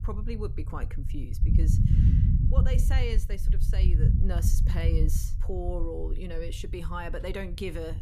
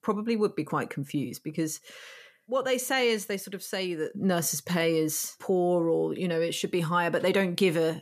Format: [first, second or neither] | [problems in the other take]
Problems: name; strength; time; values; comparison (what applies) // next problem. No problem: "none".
second | low rumble; loud; throughout; 3 dB below the speech